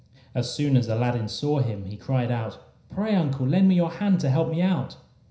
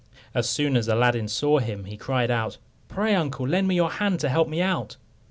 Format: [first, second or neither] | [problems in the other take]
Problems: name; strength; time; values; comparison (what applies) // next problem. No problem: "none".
second | room echo; dies away in 0.5 s